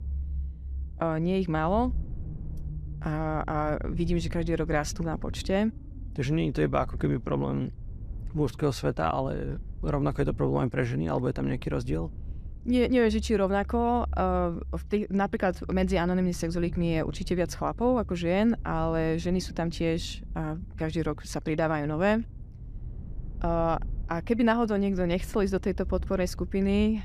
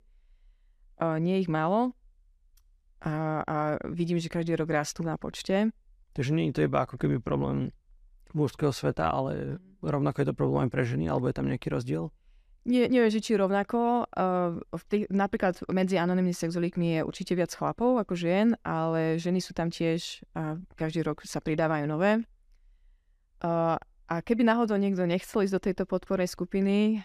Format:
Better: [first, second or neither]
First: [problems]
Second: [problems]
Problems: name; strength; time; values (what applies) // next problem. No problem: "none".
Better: second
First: low rumble; faint; throughout; 25 dB below the speech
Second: none